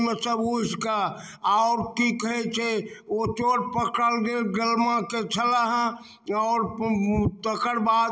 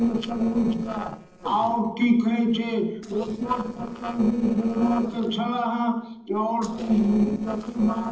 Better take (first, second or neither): first